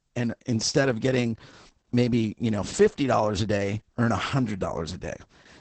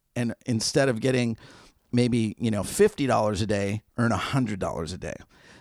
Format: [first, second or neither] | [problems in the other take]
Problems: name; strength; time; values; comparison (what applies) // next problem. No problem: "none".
second | garbled, watery; badly; nothing above 8 kHz